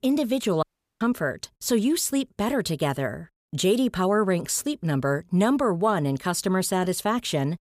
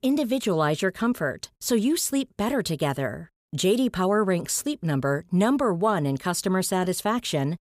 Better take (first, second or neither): second